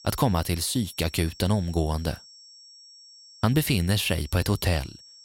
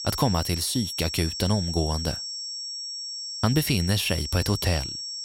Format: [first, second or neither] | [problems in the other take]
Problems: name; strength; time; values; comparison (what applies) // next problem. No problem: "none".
first | high-pitched whine; loud; throughout; 5.5 kHz, 5 dB below the speech; faint in the first